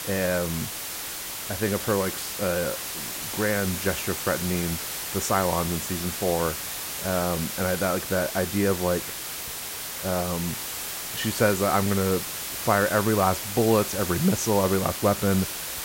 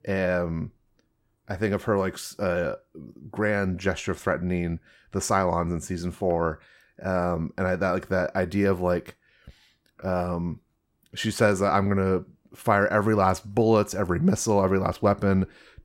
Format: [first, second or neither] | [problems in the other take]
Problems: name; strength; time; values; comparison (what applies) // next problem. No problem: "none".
second | hiss; loud; throughout; 4 dB below the speech